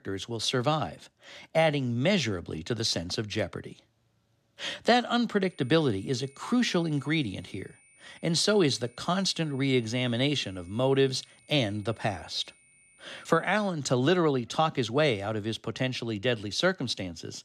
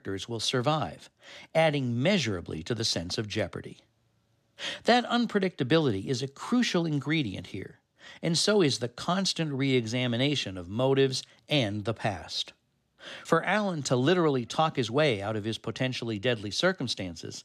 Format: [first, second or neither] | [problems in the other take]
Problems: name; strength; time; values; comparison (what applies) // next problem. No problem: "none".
second | high-pitched whine; faint; from 5.5 to 14 s; 9 kHz, 30 dB below the speech